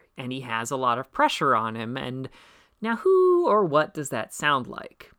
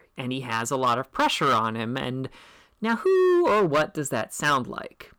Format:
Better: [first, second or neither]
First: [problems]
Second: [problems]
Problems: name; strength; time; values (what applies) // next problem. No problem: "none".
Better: first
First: none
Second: distortion; slight; 8% of the sound clipped